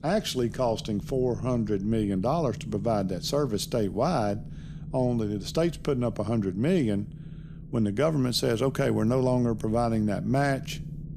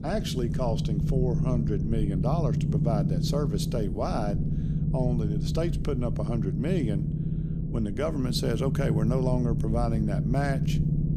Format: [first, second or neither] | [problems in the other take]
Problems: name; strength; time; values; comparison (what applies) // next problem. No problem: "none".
first | low rumble; loud; throughout; 5 dB below the speech; faint in the first